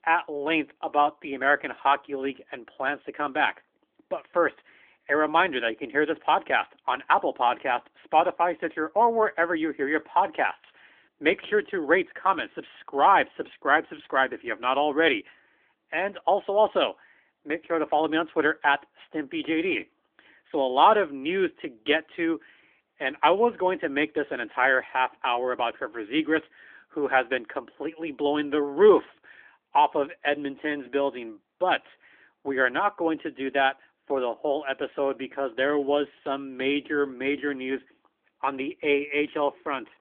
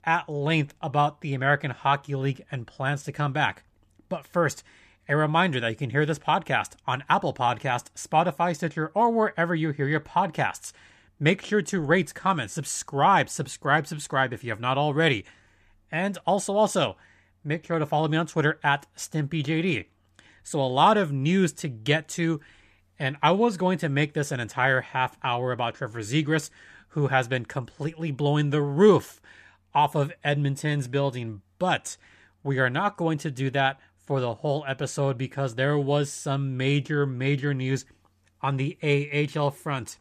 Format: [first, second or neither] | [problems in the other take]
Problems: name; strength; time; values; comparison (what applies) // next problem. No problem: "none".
second | phone-call audio; nothing above 3.5 kHz